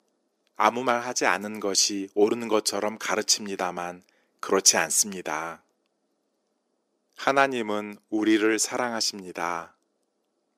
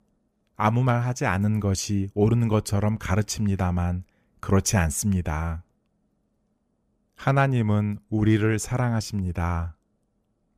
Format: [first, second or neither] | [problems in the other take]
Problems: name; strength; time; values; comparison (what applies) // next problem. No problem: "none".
second | thin; very; fading below 300 Hz